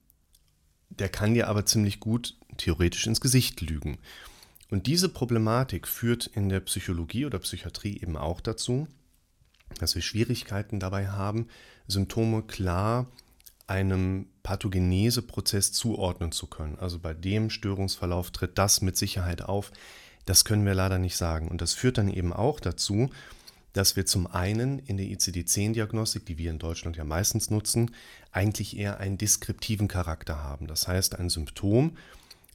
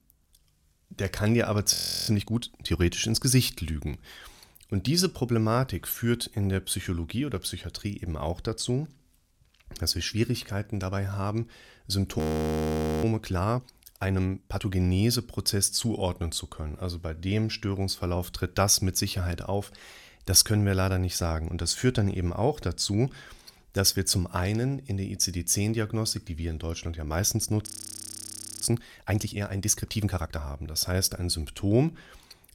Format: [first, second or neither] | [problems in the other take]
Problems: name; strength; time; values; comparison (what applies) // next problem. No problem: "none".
first | audio freezing; at 1.5 s, at 12 s for 1 s and at 28 s for 1 s